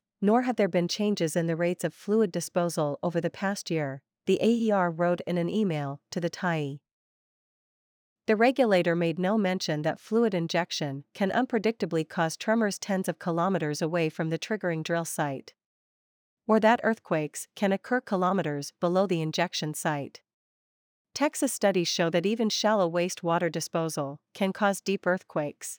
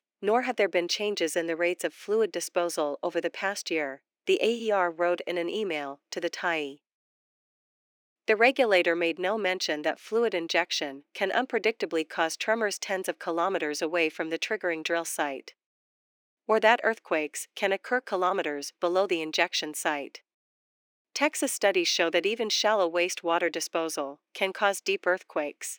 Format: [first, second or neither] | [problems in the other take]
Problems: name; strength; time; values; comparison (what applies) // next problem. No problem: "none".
first | thin; somewhat; fading below 300 Hz